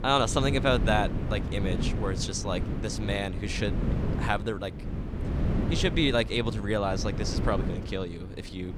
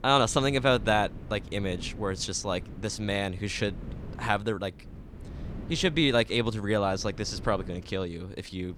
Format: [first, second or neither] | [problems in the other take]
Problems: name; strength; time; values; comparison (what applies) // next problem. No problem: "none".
second | wind noise on the microphone; heavy; 10 dB below the speech; occasional gusts in the second